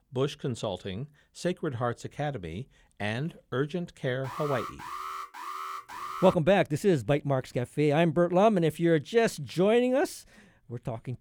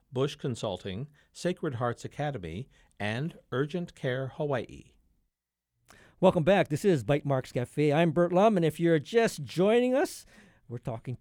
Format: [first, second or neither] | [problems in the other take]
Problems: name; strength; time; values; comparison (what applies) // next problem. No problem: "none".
second | alarm; noticeable; from 4 to 6.5 s; peak 9 dB below the speech